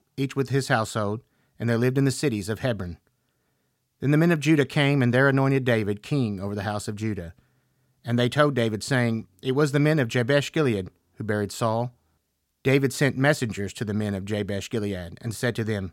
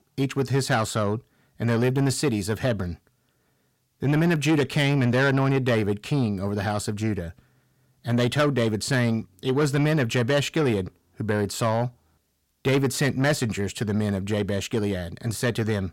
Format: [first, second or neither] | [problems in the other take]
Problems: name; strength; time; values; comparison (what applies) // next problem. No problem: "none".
first | distortion; slight; 10 dB below the speech